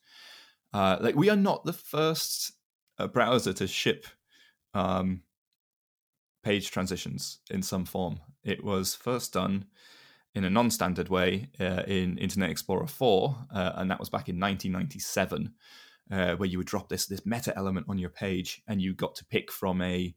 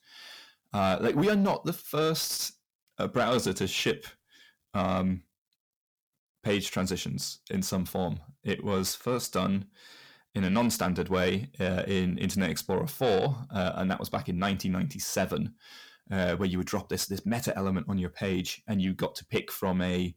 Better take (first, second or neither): first